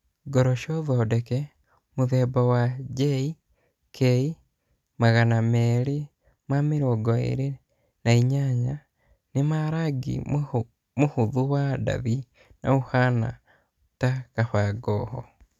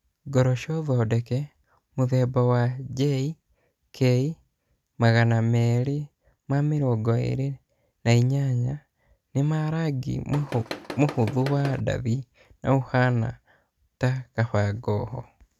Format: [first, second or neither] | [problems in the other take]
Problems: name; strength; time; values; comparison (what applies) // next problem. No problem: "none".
first | background sound (Tools); 11 dB below the speech